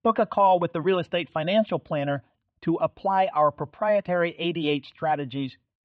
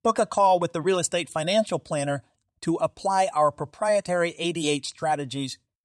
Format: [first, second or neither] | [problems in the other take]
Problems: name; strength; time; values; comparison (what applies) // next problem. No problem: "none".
second | muffled; very; fading above 3 kHz